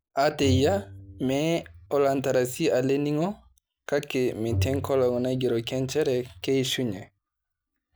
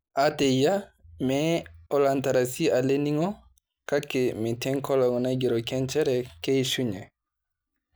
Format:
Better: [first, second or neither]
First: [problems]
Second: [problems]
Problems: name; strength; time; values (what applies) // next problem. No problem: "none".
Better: second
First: background sound (Bowed string instrument); 9 dB below the speech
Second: none